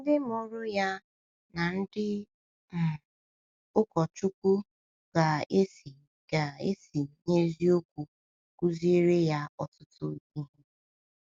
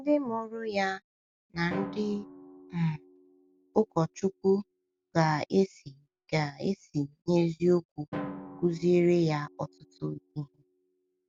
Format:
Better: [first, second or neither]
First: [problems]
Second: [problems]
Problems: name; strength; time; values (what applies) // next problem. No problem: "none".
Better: first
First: none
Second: background sound (Drum); 17 dB below the speech